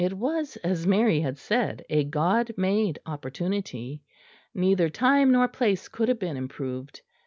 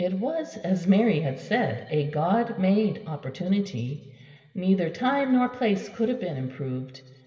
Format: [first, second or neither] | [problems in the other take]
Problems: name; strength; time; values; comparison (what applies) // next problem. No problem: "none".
first | room echo; dies away in 1.4 s